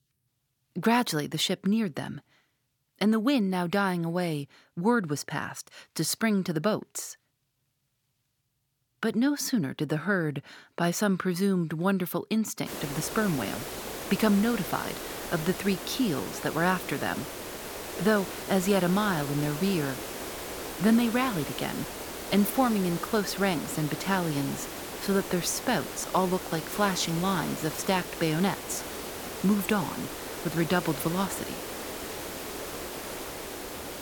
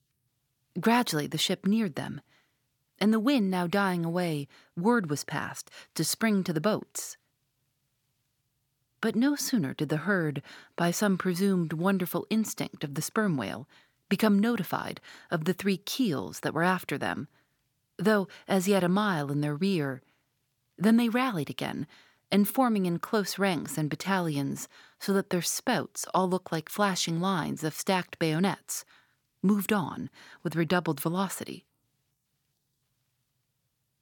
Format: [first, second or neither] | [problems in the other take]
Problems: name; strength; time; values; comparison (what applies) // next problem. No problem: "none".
second | hiss; loud; from 13 s on; 8 dB below the speech